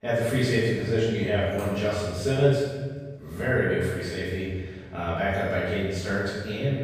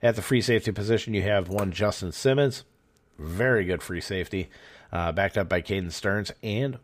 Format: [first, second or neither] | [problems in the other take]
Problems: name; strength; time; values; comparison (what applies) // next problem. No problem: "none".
second | off-mic speech; far // room echo; strong; dies away in 1.4 s